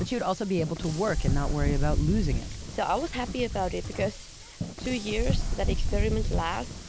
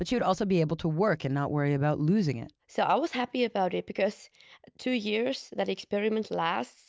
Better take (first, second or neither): second